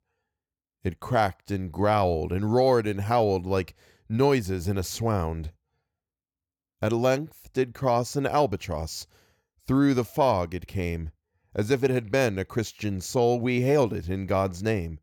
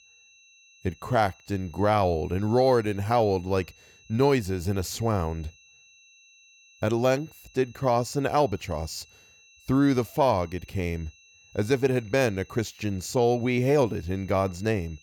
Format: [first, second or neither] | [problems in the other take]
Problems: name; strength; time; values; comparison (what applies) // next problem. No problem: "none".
first | high-pitched whine; faint; throughout; 2.5 kHz, 30 dB below the speech